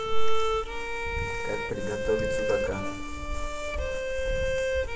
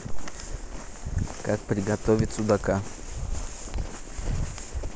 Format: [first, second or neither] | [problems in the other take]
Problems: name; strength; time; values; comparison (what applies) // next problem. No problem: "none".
second | background sound (Bowed string instrument); 4 dB below the speech // room echo; dies away in 0.8 s